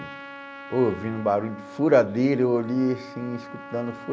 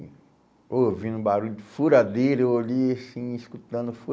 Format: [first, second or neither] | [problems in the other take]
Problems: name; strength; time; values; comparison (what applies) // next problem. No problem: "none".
second | background sound (Trumpet); 16 dB below the speech